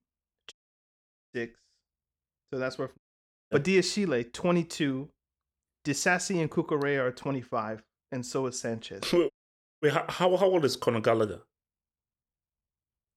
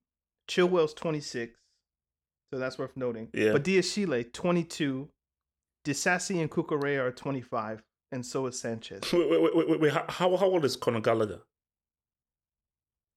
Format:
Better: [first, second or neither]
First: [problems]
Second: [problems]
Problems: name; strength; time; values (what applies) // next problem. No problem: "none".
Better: second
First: audio cutting out; at 0.5 s for 1 s, at 3 s for 0.5 s and at 9.5 s for 0.5 s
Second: none